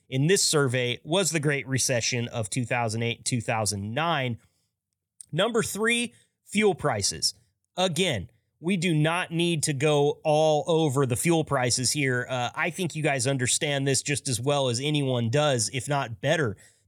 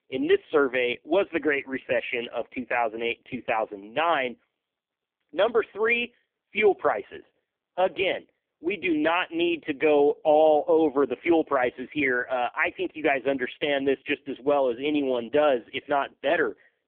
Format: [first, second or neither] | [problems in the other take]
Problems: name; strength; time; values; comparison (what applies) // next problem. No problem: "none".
first | phone-call audio; poor line; nothing above 3.5 kHz